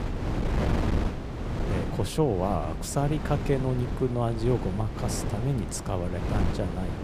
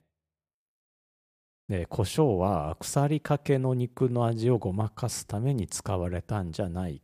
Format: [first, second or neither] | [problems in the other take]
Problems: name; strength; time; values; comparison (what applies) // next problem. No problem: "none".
second | wind noise on the microphone; heavy; 5 dB below the speech